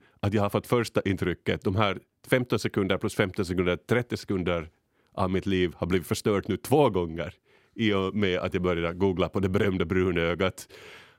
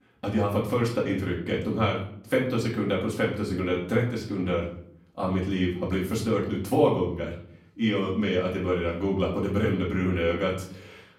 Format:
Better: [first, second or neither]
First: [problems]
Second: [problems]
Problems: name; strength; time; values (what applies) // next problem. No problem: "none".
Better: first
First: none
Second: room echo; slight; dies away in 0.5 s // off-mic speech; far